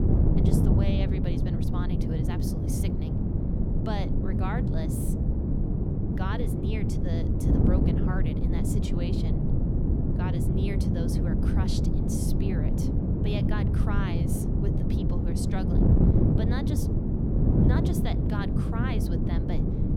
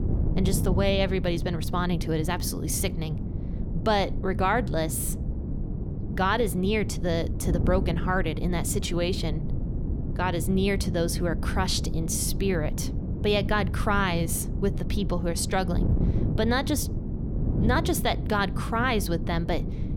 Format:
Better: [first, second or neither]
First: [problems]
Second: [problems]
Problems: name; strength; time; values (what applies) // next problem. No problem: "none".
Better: second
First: wind noise on the microphone; heavy; 4 dB above the speech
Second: wind noise on the microphone; occasional gusts; 10 dB below the speech